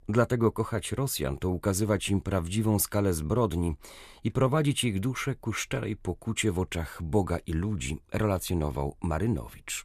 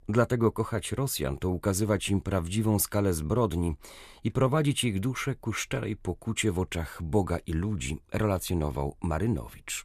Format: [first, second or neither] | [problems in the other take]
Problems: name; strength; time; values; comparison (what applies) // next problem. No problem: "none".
neither | none